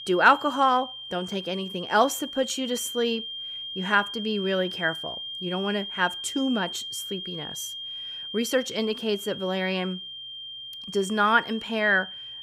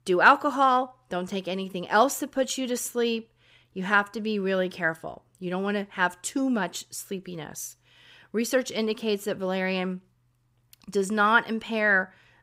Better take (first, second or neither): second